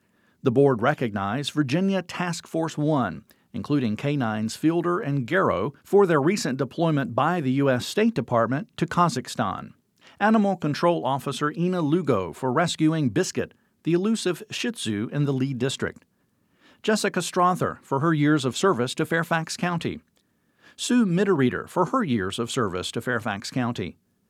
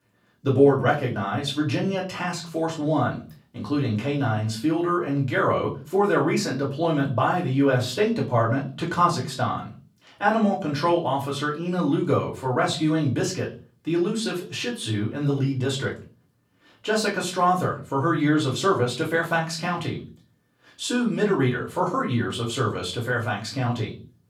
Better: first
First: none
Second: off-mic speech; far // room echo; very slight; dies away in 0.3 s

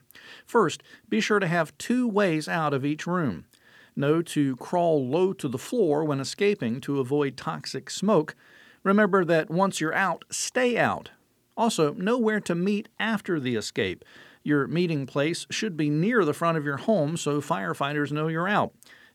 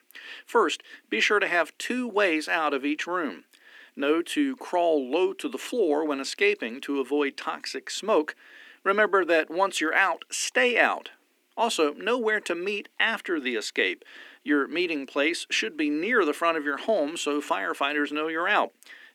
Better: first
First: none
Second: thin; very slightly; fading below 250 Hz

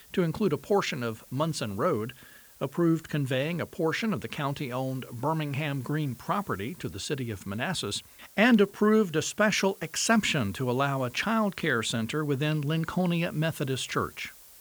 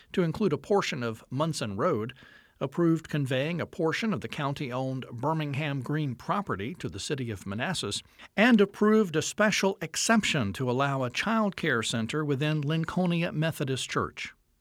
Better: second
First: hiss; faint; throughout; 20 dB below the speech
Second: none

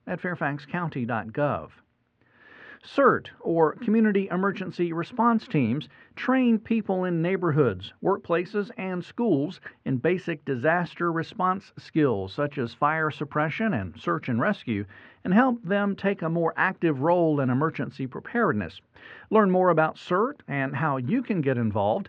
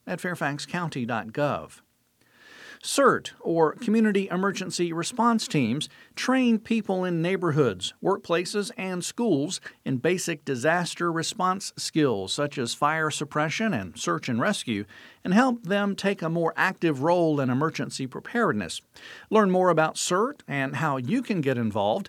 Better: second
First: muffled; very; fading above 2.5 kHz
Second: none

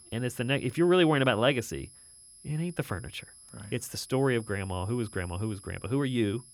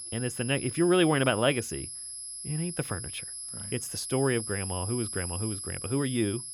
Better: first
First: high-pitched whine; faint; throughout; 11 kHz, 20 dB below the speech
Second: high-pitched whine; loud; throughout; 11 kHz, 7 dB below the speech

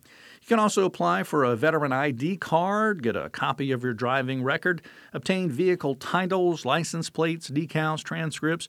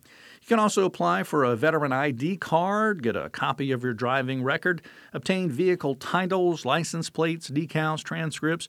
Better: neither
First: none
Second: none

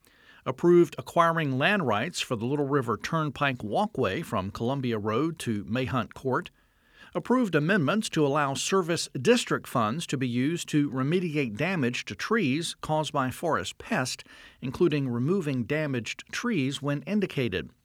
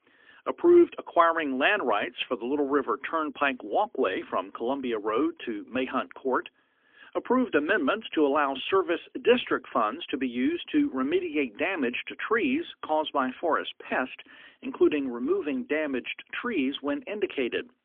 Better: first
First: none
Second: phone-call audio; poor line; nothing above 3.5 kHz

